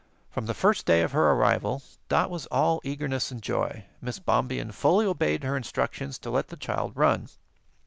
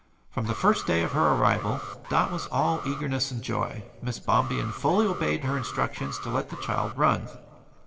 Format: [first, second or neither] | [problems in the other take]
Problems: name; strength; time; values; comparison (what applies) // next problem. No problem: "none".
first | background sound (Alarm); 12 dB below the speech // room echo; dies away in 1.3 s